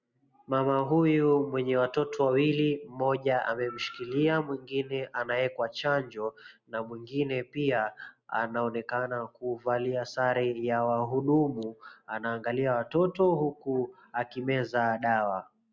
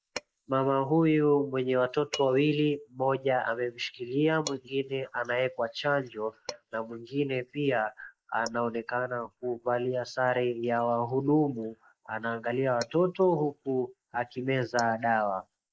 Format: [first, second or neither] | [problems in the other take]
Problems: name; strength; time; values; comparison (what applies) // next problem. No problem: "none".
first | noise reduction (neural mask model Resemble Enhance denoiser)